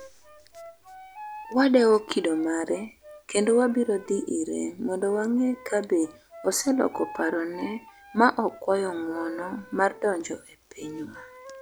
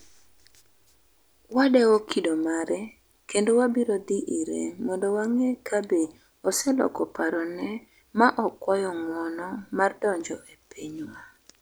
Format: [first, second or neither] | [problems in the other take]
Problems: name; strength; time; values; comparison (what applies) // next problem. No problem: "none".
second | background sound (Wind instrument, woodwind instrument); 19 dB below the speech